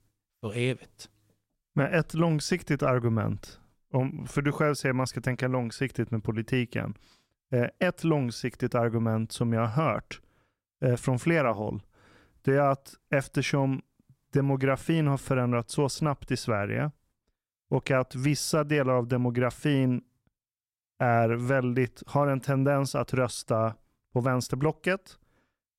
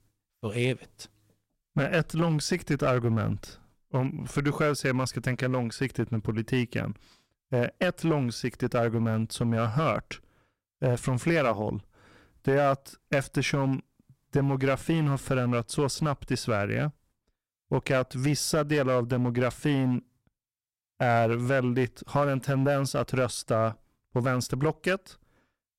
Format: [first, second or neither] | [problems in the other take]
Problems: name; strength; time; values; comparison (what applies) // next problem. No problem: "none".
first | distortion; slight; 4% of the sound clipped